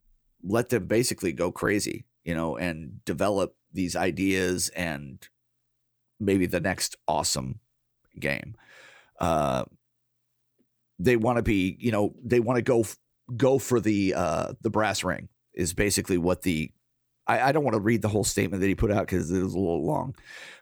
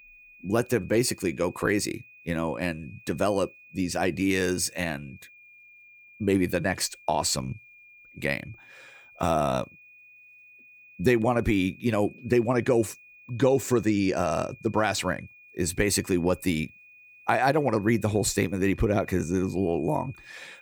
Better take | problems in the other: first | high-pitched whine; faint; throughout; 2.5 kHz, 25 dB below the speech

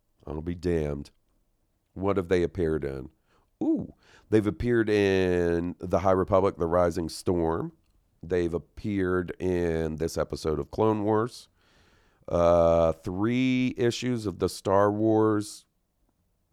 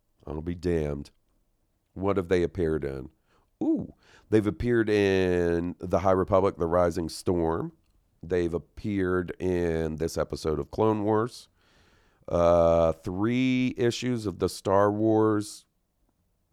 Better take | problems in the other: neither | none

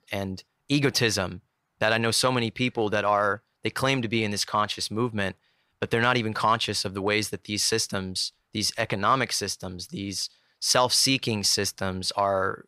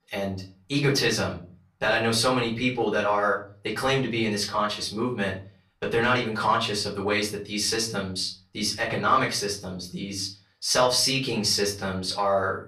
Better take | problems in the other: first | off-mic speech; far // room echo; very slight; dies away in 0.3 s

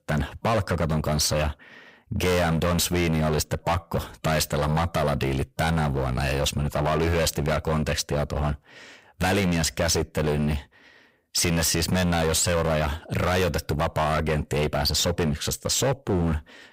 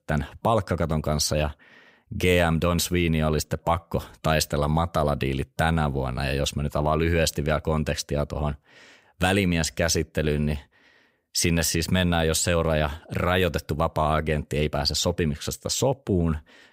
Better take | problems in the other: second | distortion; heavy; 19% of the sound clipped

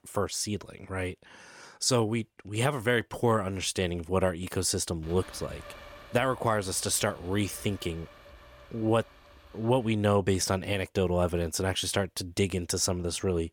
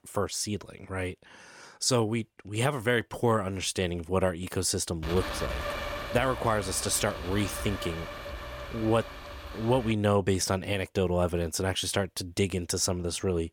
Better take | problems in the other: first | wind noise on the microphone; heavy; from 5 to 10 s; 7 dB below the speech; occasional gusts in the first

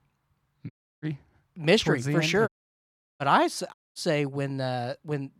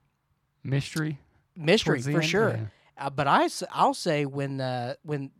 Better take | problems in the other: second | audio cutting out; at 0.5 s, at 2.5 s for 0.5 s and at 3.5 s

